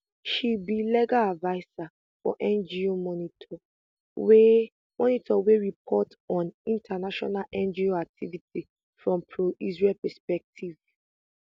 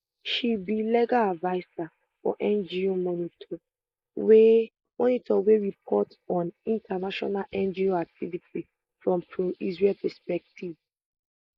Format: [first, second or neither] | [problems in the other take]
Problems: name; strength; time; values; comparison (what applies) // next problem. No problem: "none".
first | noise reduction (neural mask model Resemble Enhance denoiser)